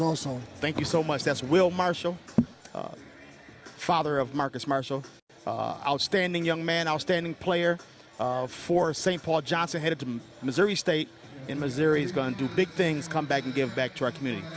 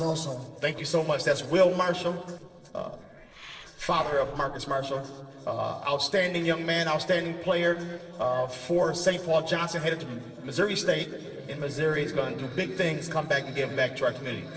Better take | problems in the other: first | noise reduction (neural separator model SepFormer DNS4)

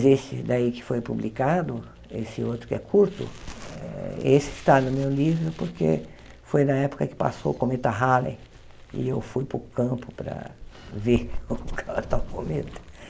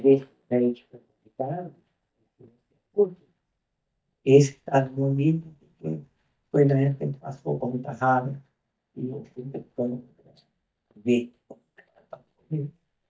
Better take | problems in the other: first | noise reduction (neural mask model DeepFilterNet 3)

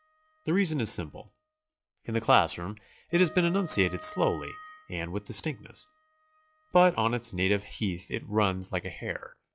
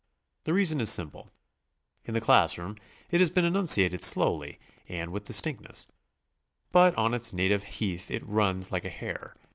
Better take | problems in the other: second | noise reduction (classical method log-MMSE)

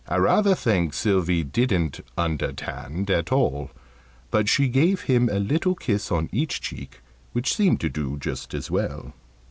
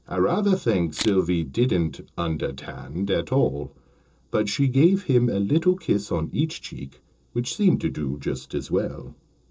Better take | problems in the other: first | noise reduction (neural separator model SepFormer DNS4)

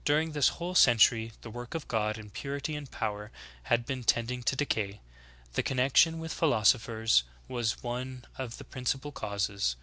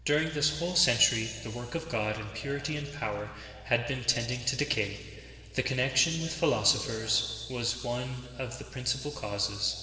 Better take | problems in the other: first | room echo; dies away in 2.5 s

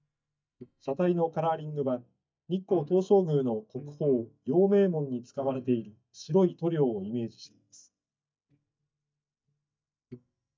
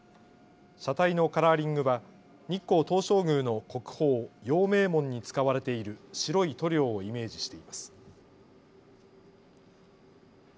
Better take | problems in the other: second | noise reduction (neural mask model DeepFilterNet 3)

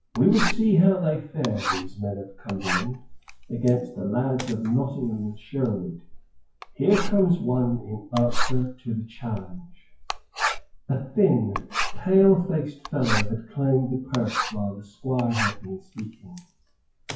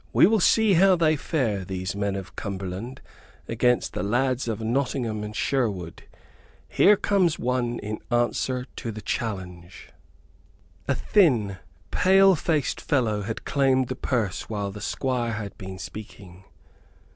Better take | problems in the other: second | noise reduction (classical method WPE with log-MMSE)

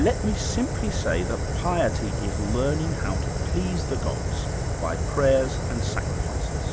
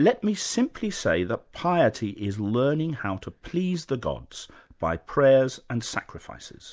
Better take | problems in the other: second | background sound (Fire); 1 dB above the speech

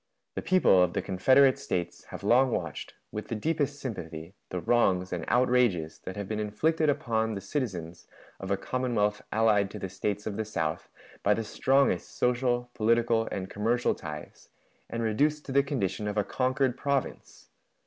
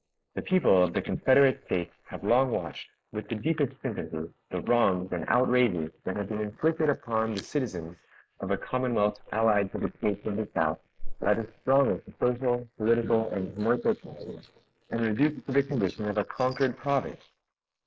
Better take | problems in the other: first | noise reduction (neural mask model Resemble Enhance denoiser)

